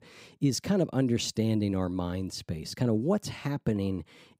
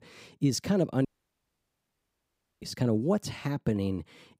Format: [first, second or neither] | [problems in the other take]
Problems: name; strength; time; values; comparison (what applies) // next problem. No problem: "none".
first | audio cutting out; at 1 s for 1.5 s